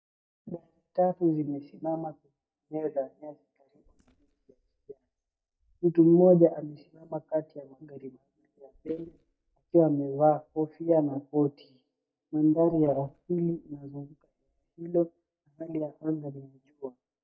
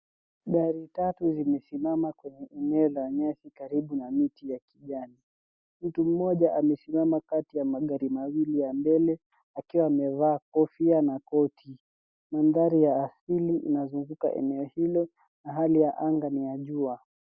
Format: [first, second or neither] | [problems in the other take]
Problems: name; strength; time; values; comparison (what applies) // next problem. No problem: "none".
second | noise reduction (neural mask model DeepFilterNet 3)